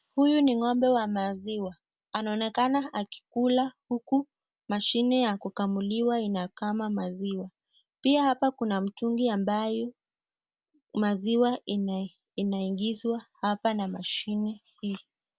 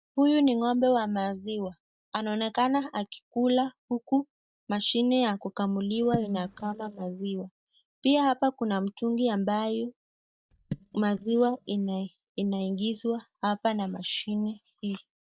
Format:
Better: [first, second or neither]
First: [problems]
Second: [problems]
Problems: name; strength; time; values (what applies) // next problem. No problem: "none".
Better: first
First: none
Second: noise reduction (neural mask model DeepFilterNet 3)